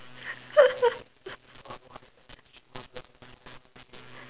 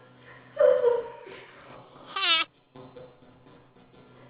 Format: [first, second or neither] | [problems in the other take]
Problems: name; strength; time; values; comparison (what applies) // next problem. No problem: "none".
first | background sound (Breathing); as loud as the speech // room echo; dies away in 1 s